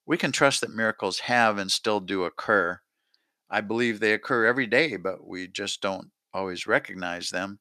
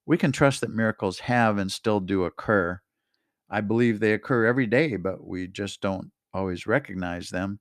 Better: second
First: thin; somewhat; fading below 1 kHz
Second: none

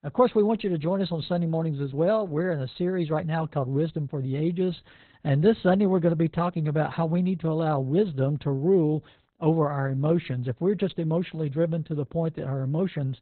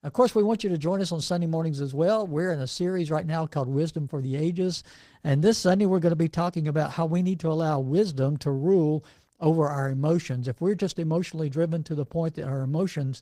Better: second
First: garbled, watery; badly; nothing above 4 kHz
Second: garbled, watery; slightly; nothing above 15.5 kHz

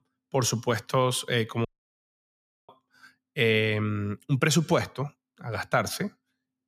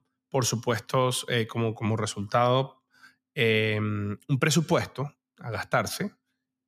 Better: second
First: audio cutting out; at 1.5 s for 1 s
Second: none

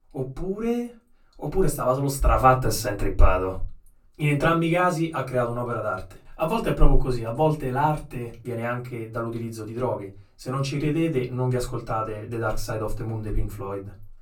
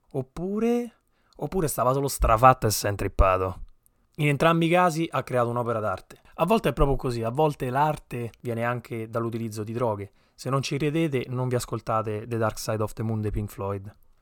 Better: second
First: off-mic speech; far // room echo; very slight; dies away in 0.2 s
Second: none

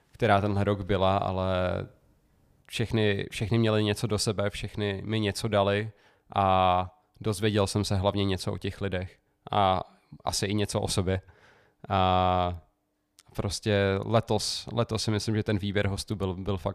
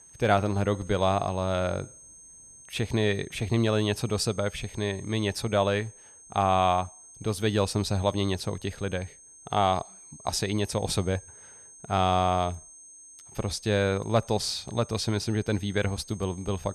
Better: first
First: none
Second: high-pitched whine; noticeable; throughout; 6.5 kHz, 20 dB below the speech

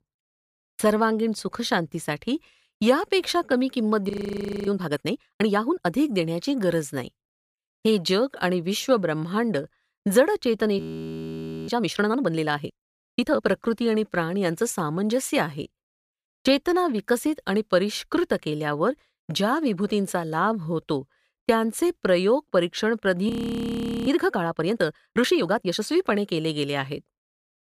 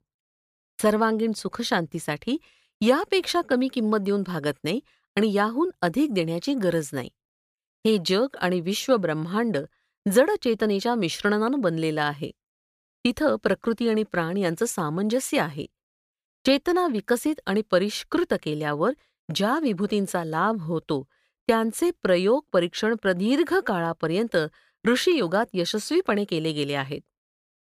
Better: second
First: audio freezing; at 4 s for 0.5 s, at 11 s for 1 s and at 23 s for 1 s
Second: none

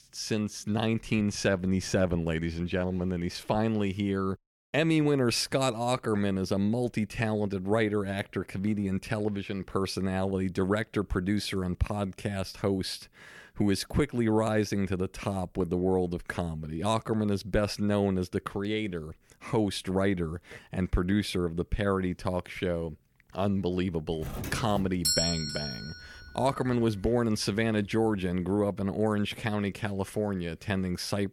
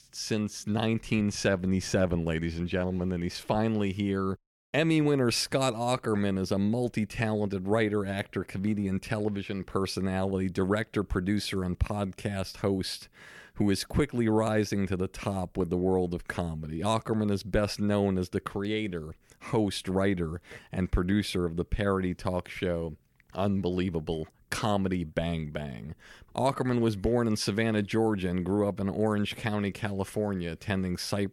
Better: second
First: doorbell; loud; from 24 to 26 s; peak 4 dB above the speech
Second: none

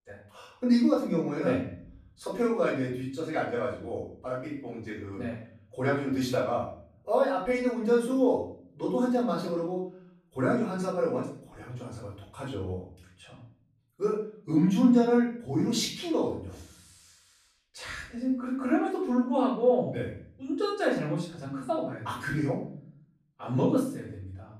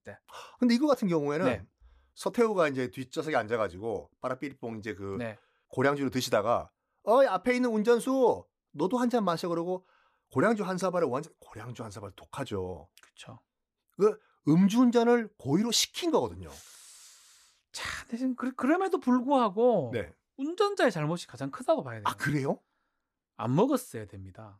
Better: second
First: room echo; noticeable; dies away in 0.6 s // off-mic speech; far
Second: none

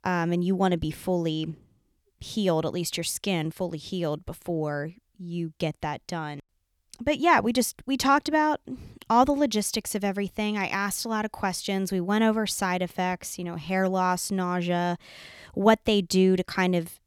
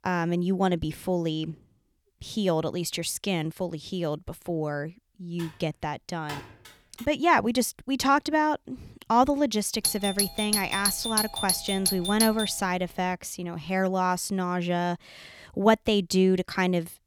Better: first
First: none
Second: keyboard typing; faint; from 5.5 to 7 s; peak 15 dB below the speech // doorbell; loud; from 10 to 12 s; peak 2 dB above the speech

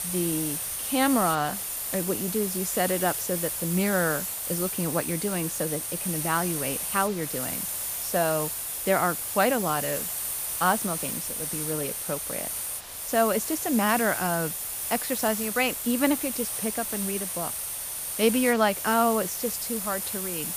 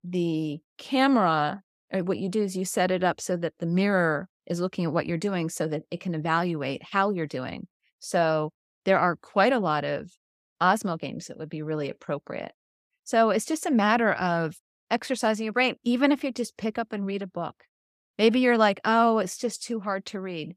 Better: second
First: hiss; loud; throughout; 2 dB below the speech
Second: none

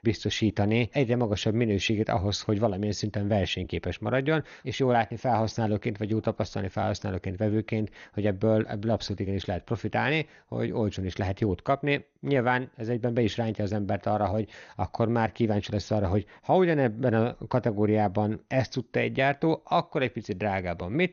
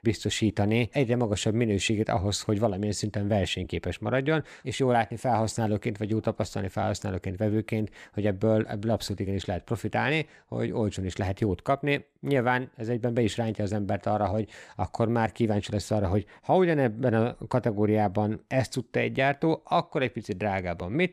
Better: second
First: garbled, watery; slightly; nothing above 6.5 kHz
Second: none

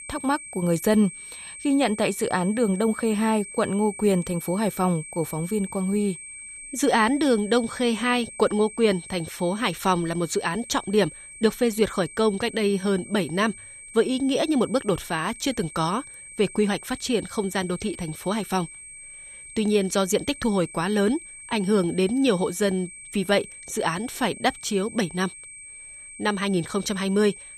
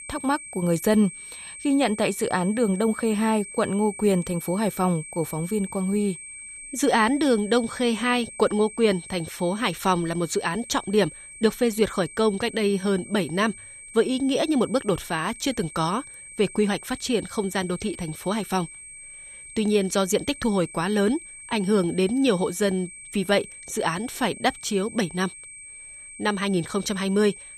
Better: neither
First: high-pitched whine; noticeable; throughout; 8.5 kHz, 15 dB below the speech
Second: high-pitched whine; noticeable; throughout; 8.5 kHz, 15 dB below the speech

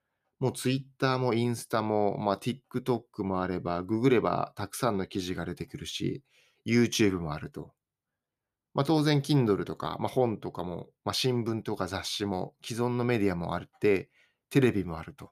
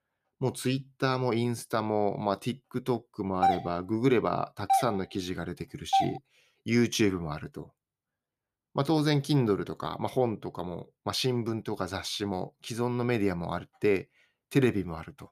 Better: first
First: none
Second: doorbell; loud; from 3.5 to 6 s; peak 3 dB above the speech

